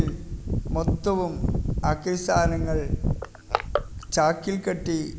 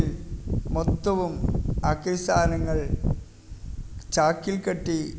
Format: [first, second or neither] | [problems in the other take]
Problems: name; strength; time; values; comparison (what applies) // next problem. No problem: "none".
second | background sound (Crushing); 13 dB below the speech